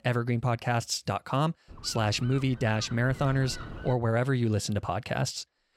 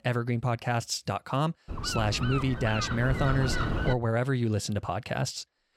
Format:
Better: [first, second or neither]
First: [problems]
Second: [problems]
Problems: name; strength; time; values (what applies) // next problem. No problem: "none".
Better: first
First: wind noise on the microphone; occasional gusts; from 1.5 to 4 s; 15 dB below the speech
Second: wind noise on the microphone; heavy; from 1.5 to 4 s; 2 dB below the speech